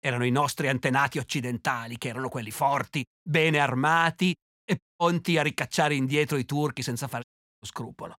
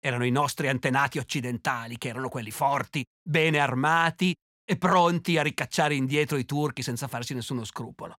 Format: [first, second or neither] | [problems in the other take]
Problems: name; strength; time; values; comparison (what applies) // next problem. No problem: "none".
second | audio cutting out; at 5 s and at 7 s